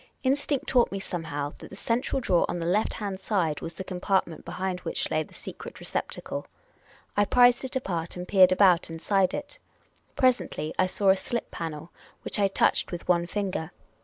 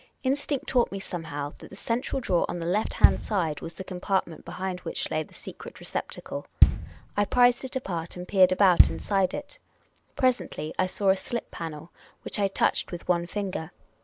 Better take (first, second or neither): first